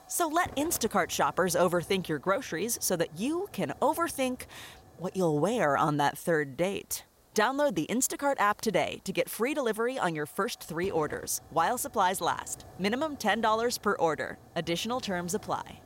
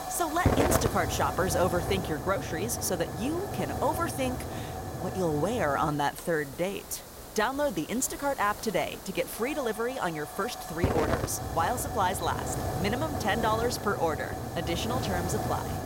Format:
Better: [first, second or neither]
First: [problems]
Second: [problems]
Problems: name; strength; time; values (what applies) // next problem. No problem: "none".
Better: first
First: hiss; faint; throughout; 25 dB below the speech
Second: hiss; loud; throughout; 4 dB below the speech